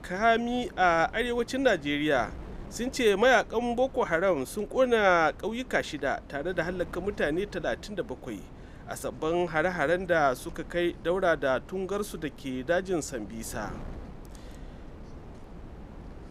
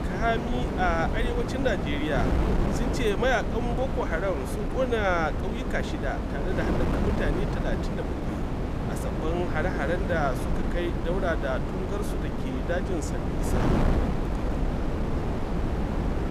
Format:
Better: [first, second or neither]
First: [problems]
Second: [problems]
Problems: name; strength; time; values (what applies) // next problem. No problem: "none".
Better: first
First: wind noise on the microphone; occasional gusts; 25 dB below the speech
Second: wind noise on the microphone; heavy; 4 dB below the speech